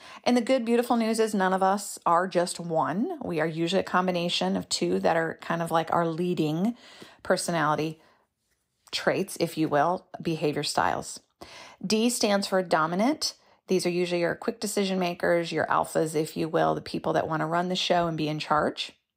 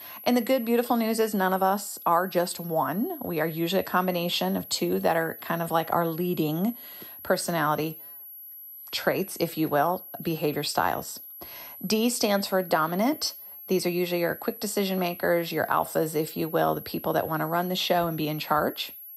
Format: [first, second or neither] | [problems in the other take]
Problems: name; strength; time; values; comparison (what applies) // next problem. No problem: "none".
first | high-pitched whine; noticeable; throughout; 12 kHz, 15 dB below the speech